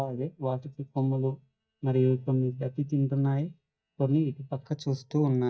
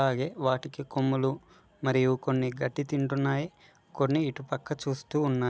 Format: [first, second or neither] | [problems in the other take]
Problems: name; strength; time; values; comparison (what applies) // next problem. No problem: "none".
second | noise reduction (neural mask model DeepFilterNet 3)